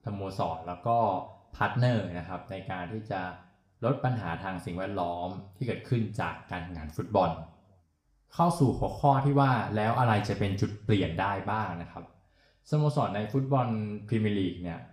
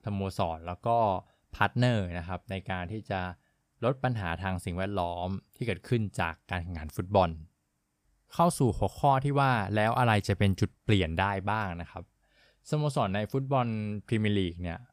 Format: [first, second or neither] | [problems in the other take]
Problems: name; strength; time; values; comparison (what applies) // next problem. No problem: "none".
second | room echo; slight; dies away in 0.5 s // off-mic speech; somewhat distant